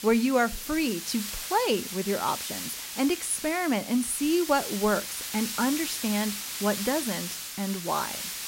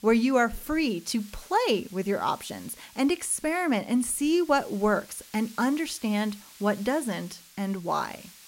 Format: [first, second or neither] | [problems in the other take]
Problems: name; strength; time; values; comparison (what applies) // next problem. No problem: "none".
second | hiss; loud; throughout; 5 dB below the speech; faint in the second